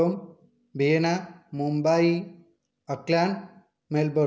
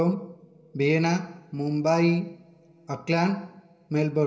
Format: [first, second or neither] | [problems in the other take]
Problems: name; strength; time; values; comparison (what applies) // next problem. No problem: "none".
first | room echo; dies away in 0.3 s